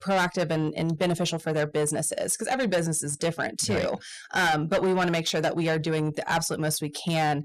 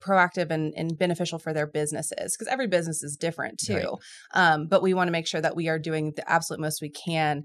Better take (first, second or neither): second